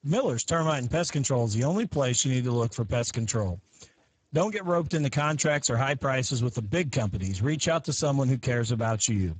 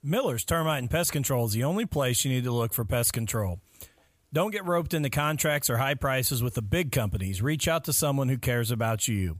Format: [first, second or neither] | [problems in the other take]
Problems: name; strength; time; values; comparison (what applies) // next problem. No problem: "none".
second | garbled, watery; badly; nothing above 7.5 kHz